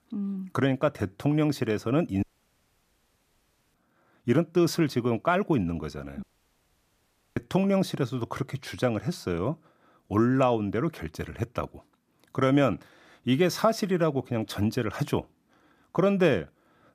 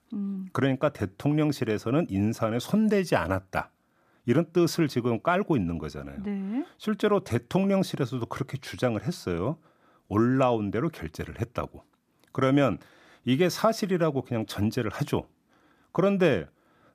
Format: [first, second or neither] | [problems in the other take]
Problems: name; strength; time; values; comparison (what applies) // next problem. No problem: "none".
second | audio cutting out; at 2 s for 1.5 s and at 6 s for 1 s